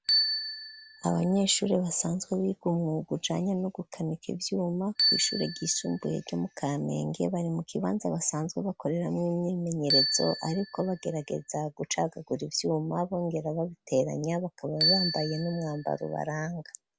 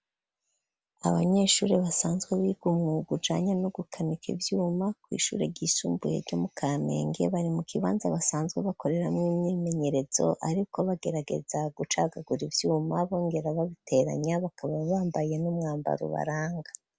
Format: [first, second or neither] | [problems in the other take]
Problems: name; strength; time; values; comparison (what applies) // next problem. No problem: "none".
second | background sound (Bicycle bell); 6 dB below the speech